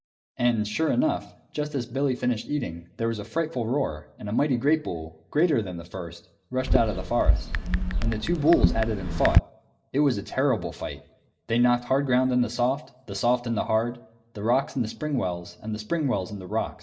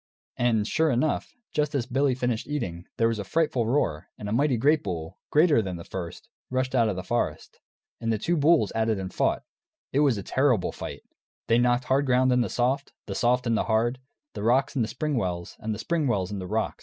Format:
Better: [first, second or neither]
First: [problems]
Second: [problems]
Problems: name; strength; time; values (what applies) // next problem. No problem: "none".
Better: second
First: background sound (Chatter / Chirp, tweet / Car passing by / Typing); 1 dB above the speech // room echo; dies away in 0.5 s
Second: none